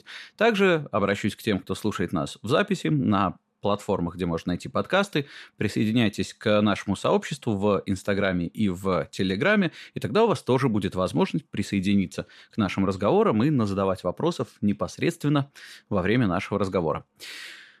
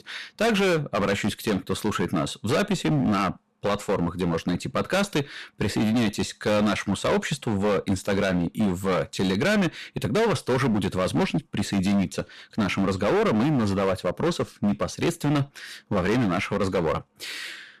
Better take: first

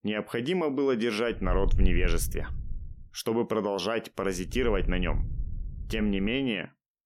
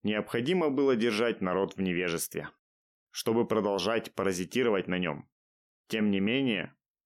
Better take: second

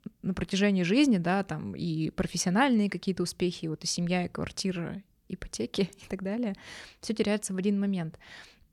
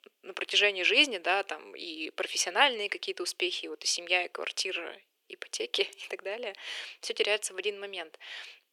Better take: first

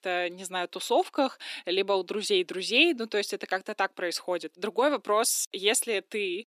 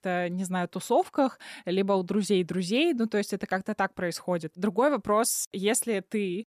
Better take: second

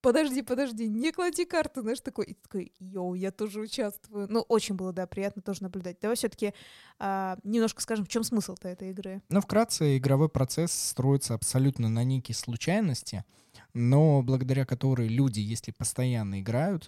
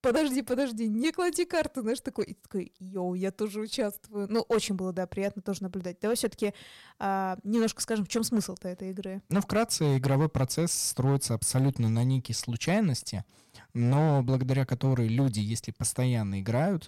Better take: first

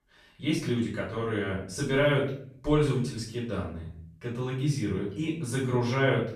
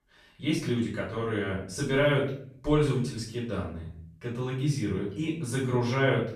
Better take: neither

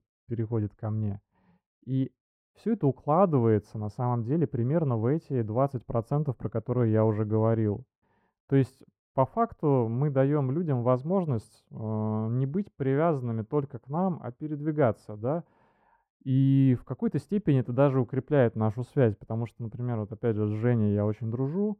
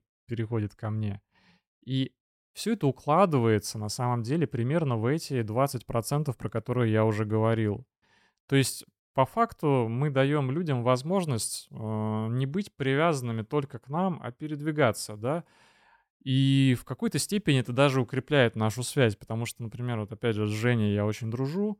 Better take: second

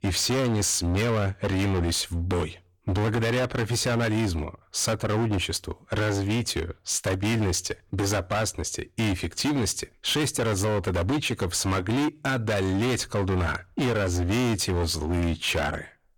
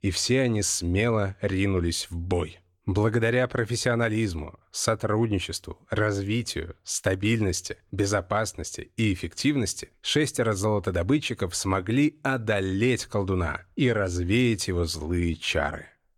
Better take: second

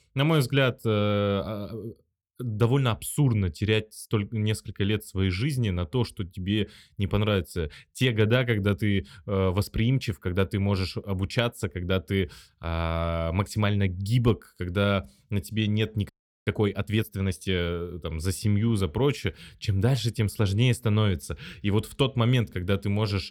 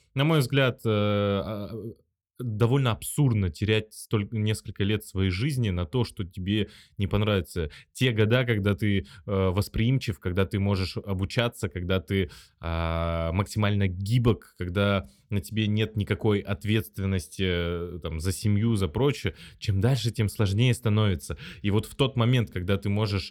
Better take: second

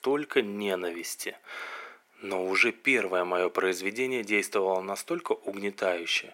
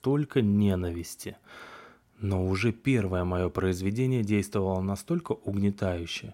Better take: second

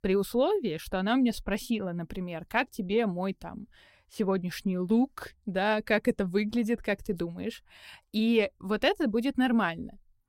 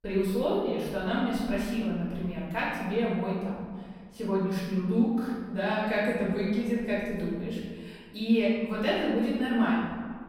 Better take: first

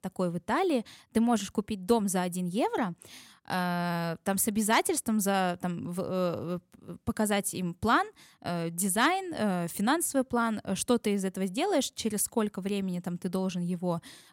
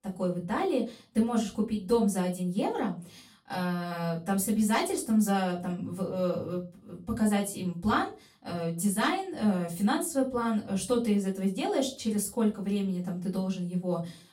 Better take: first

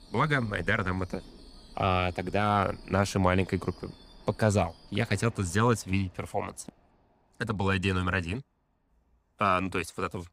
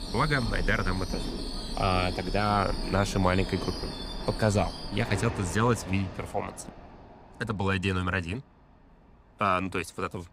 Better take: first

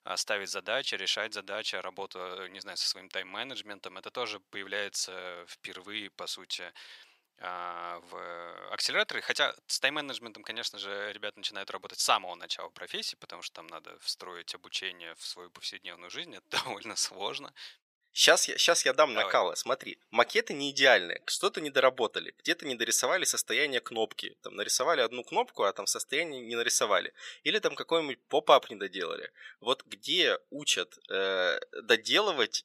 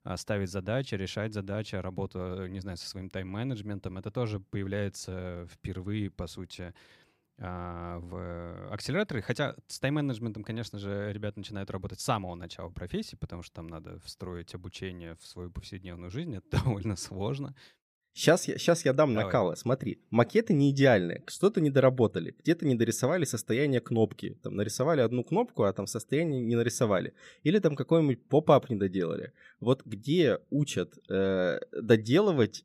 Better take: second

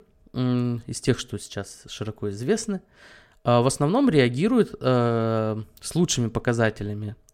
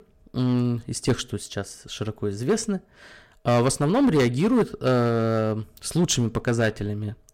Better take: first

